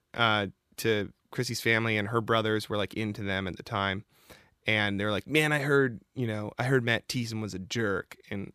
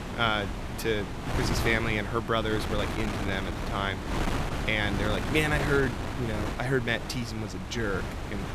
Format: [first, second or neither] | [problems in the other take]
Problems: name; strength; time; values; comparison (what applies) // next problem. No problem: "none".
first | wind noise on the microphone; heavy; 6 dB below the speech